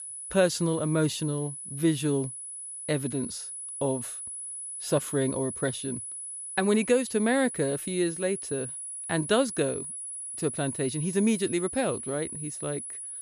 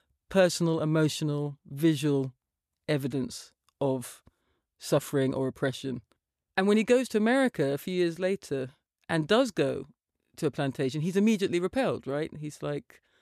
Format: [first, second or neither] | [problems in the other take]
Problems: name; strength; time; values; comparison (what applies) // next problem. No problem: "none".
second | high-pitched whine; loud; throughout; 10 kHz, 7 dB below the speech